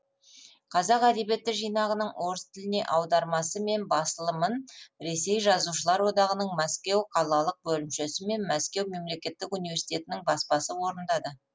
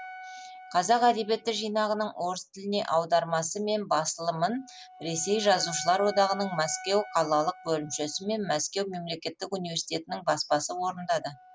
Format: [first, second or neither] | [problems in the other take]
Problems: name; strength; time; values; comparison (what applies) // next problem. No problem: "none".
first | background sound (Wind instrument, woodwind instrument); 19 dB below the speech